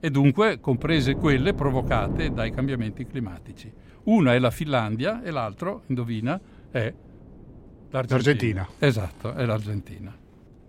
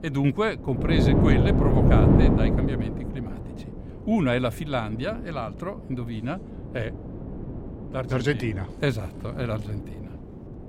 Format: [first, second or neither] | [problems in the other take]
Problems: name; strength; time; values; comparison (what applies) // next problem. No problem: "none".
first | wind noise on the microphone; heavy; 1 dB above the speech; occasional gusts in the first